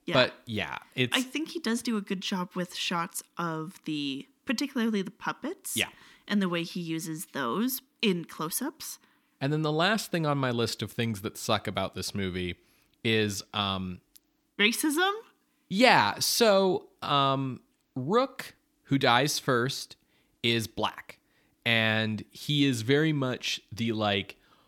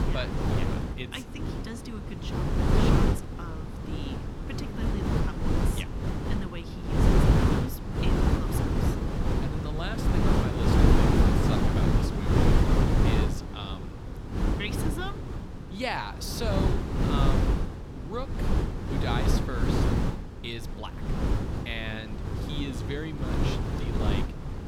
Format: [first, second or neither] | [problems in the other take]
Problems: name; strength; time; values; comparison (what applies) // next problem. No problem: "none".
first | wind noise on the microphone; heavy; 5 dB above the speech